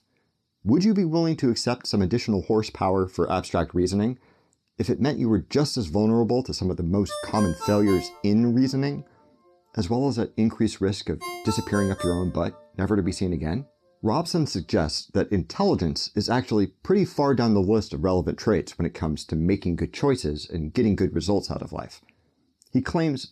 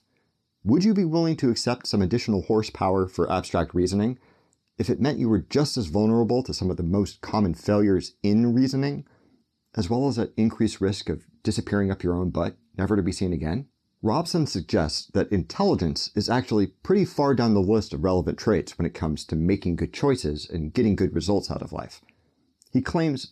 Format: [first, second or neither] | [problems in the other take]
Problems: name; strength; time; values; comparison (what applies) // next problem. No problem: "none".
second | phone ringing; noticeable; from 7 to 13 s; peak 8 dB below the speech